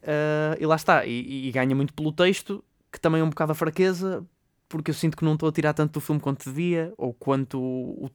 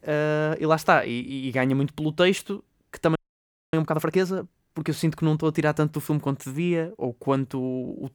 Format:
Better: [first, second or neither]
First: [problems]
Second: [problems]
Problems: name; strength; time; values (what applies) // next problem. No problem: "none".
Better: first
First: none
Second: audio freezing; at 3 s for 0.5 s